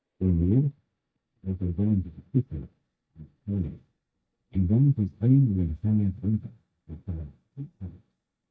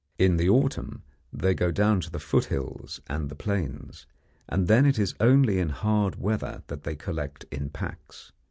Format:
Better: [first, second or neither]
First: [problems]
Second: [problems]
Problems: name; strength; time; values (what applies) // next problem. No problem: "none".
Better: second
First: noise reduction (neural mask model DeepFilterNet 3)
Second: none